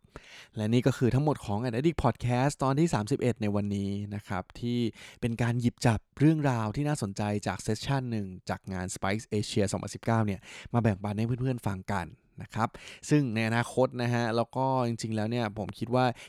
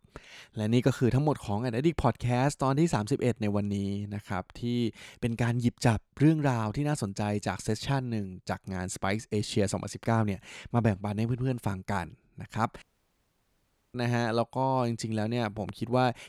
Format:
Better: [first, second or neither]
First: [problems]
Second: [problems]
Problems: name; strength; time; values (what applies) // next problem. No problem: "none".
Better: first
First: none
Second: audio cutting out; at 13 s for 1 s